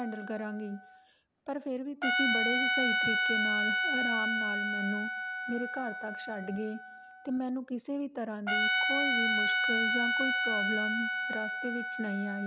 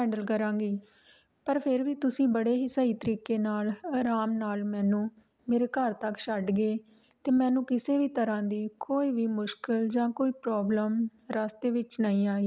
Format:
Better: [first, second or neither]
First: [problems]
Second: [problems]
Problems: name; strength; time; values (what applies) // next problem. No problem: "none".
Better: second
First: background sound (Trumpet); 4 dB above the speech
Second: none